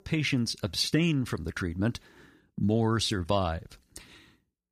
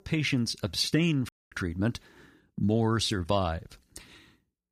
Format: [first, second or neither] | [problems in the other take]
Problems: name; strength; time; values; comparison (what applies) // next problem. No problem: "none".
first | audio cutting out; at 1.5 s